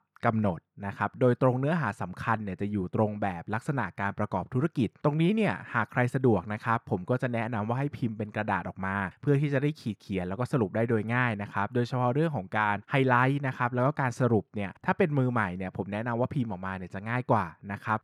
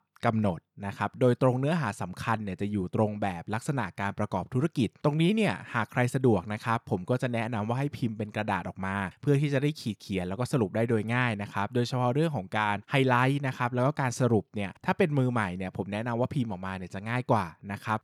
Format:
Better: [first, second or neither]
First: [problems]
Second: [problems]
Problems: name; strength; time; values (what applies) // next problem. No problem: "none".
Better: second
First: muffled; slightly; fading above 2.5 kHz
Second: none